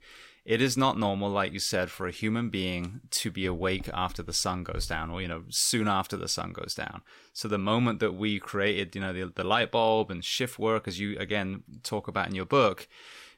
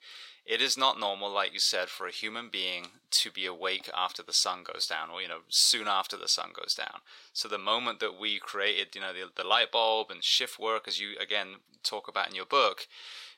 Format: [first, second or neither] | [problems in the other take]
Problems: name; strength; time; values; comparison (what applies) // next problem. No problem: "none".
first | thin; very; fading below 600 Hz